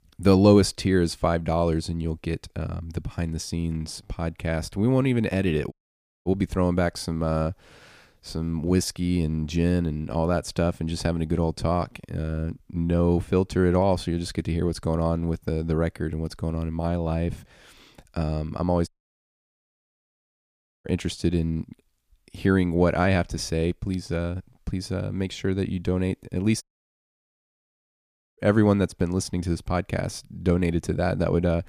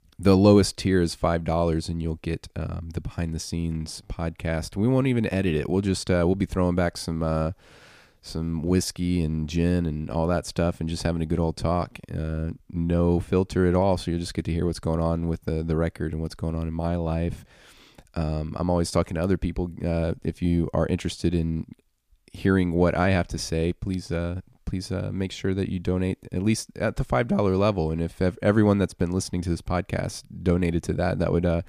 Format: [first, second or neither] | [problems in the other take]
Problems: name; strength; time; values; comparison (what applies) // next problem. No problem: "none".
second | audio cutting out; at 5.5 s for 0.5 s, at 19 s for 2 s and at 27 s for 2 s